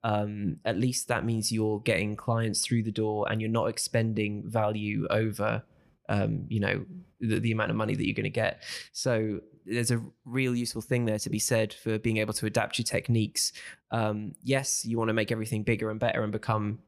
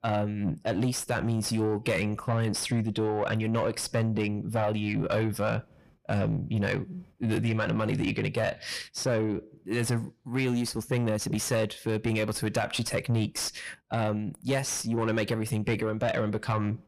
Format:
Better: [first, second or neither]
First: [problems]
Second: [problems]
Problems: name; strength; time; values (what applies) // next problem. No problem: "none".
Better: first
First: none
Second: distortion; slight; 10 dB below the speech